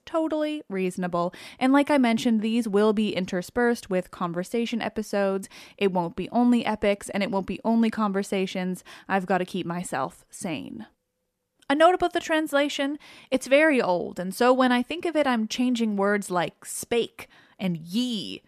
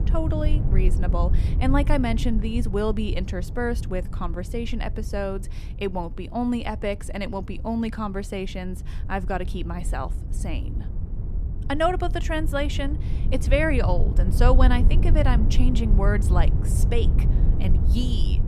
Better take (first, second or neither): first